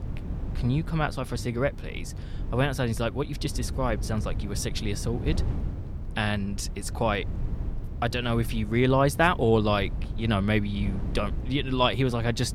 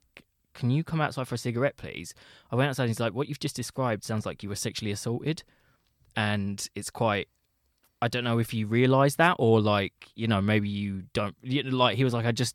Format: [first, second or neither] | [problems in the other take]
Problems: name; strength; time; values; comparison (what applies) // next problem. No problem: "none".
second | wind noise on the microphone; occasional gusts; 20 dB below the speech